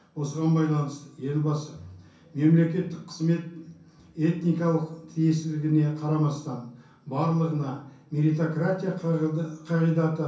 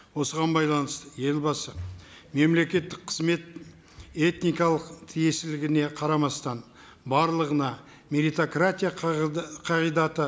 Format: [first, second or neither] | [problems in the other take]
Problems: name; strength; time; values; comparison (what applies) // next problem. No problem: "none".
second | room echo; dies away in 0.6 s